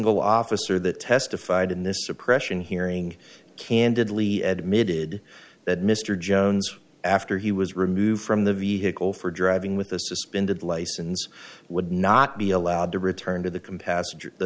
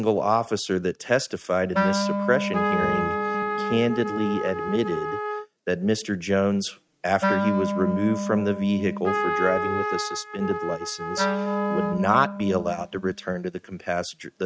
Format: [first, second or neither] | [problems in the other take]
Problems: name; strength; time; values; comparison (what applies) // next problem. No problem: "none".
first | noise reduction (neural mask model RNNoise)